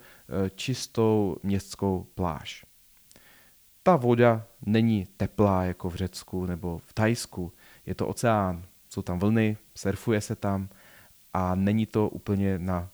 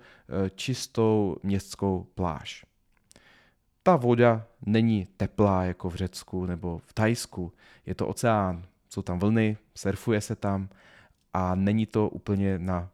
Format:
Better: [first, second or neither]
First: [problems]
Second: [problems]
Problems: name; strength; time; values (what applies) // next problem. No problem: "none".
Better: second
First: hiss; faint; throughout; 25 dB below the speech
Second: none